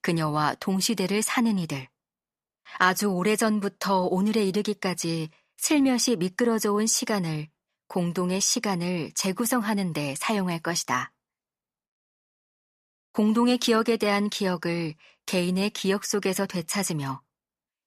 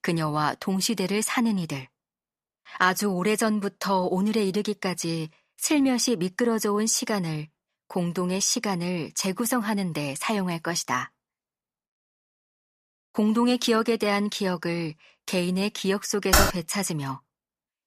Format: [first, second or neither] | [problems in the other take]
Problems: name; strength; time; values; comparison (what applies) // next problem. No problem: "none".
first | keyboard typing; loud; at 16 s; peak 5 dB above the speech